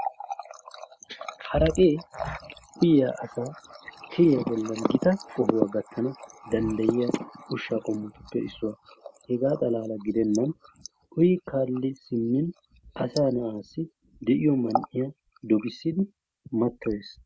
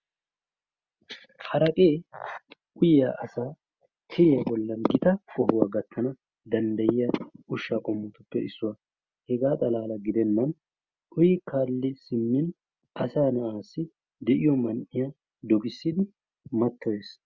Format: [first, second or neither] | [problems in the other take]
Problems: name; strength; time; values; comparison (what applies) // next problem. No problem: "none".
second | background sound (Water tap, faucet); 14 dB below the speech